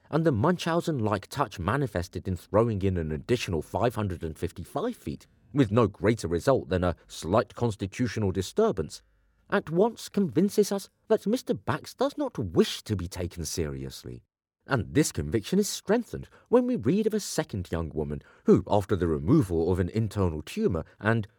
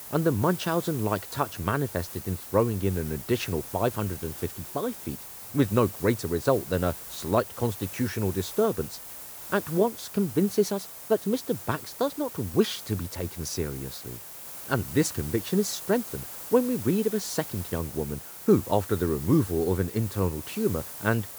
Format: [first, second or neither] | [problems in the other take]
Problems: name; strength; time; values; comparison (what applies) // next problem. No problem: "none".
first | hiss; loud; throughout; 9 dB below the speech